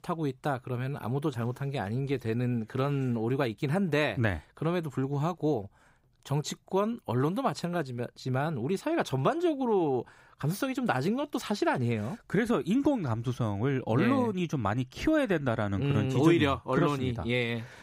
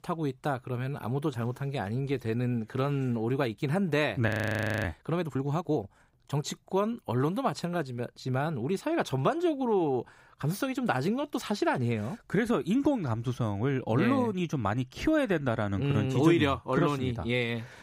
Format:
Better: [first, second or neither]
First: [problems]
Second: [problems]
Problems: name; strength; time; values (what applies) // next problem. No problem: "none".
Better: first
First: none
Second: audio freezing; at 4.5 s for 0.5 s